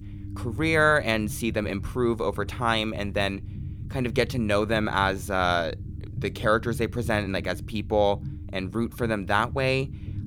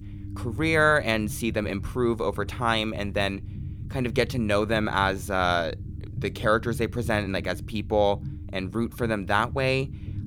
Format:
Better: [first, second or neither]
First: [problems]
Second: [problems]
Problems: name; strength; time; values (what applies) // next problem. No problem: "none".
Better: neither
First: low rumble; faint; throughout; 25 dB below the speech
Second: low rumble; faint; throughout; 25 dB below the speech